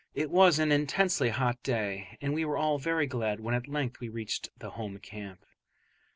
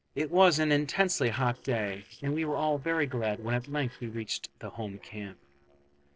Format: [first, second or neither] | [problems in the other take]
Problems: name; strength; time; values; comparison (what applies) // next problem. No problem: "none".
first | noise reduction (neural separator model SepFormer DNS4)